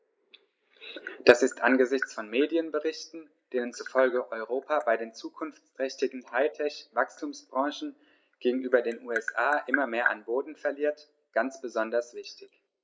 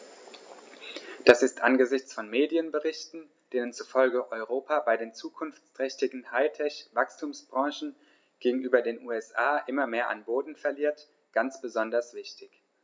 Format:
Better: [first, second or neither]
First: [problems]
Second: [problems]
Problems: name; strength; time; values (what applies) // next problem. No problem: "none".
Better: second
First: noise reduction (neural mask model Resemble Enhance denoiser)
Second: none